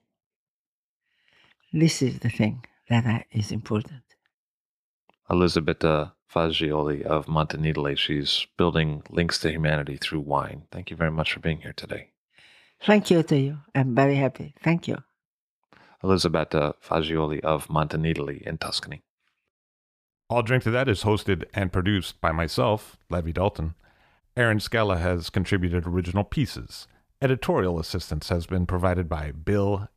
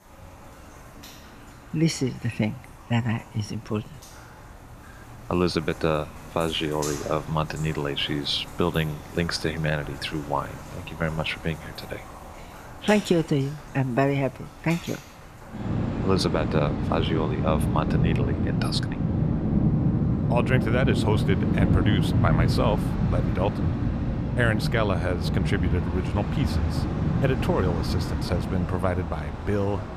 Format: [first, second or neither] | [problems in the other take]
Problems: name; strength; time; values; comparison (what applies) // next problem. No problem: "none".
first | rain or running water; very loud; throughout; 1 dB above the speech